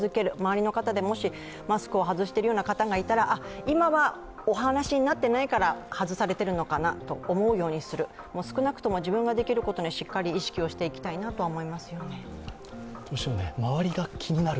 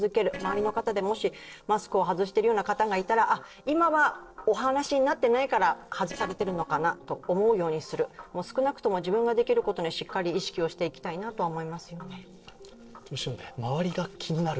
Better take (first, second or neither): first